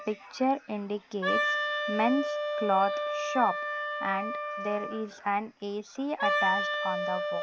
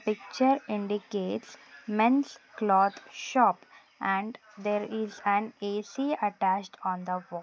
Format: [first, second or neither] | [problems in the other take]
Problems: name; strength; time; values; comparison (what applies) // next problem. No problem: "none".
second | background sound (Wind instrument, woodwind instrument); 1 dB below the speech